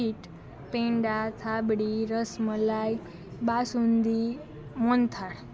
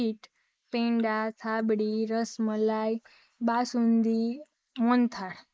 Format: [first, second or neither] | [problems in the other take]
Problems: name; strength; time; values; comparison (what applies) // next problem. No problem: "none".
first | noise reduction (neural mask model Resemble Enhance denoiser)